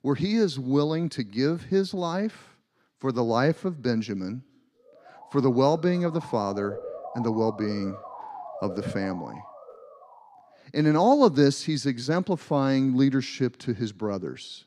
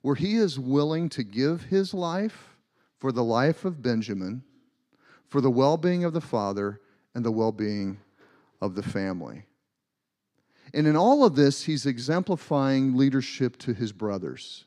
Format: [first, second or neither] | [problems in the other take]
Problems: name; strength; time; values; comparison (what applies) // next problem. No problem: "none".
second | siren; faint; from 5 to 10 s; peak 10 dB below the speech